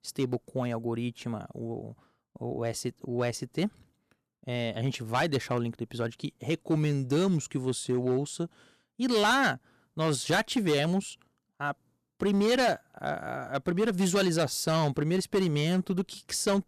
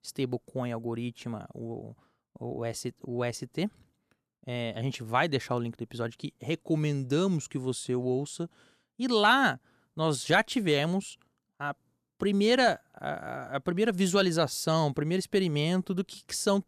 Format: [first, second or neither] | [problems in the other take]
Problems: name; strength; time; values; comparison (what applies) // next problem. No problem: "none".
second | distortion; slight; 5% of the sound clipped